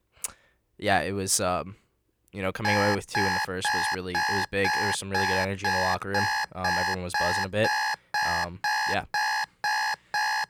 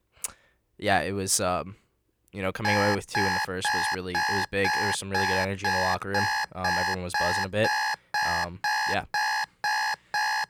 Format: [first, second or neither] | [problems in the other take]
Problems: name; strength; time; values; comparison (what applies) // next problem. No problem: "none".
neither | alarm; loud; from 2.5 s on; peak 4 dB above the speech; the same in both